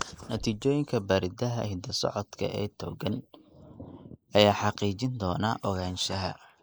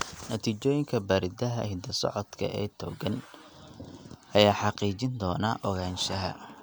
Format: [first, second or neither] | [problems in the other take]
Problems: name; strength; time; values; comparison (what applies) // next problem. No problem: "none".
second | noise reduction (neural mask model Resemble Enhance denoiser)